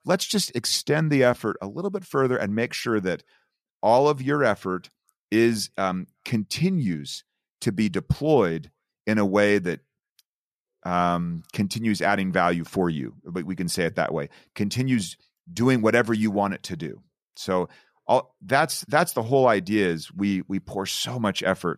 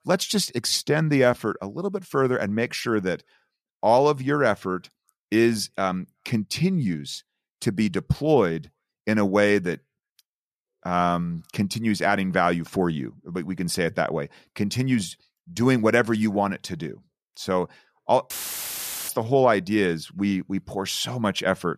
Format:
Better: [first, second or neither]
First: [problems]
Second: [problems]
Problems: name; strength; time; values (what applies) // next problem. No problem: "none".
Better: first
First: none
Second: audio cutting out; filled with static; at 18 s for 1 s